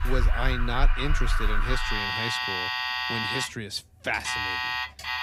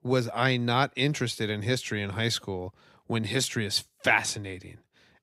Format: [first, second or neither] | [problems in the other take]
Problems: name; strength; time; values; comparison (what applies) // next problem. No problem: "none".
second | alarms or sirens; very loud; throughout; 5 dB above the speech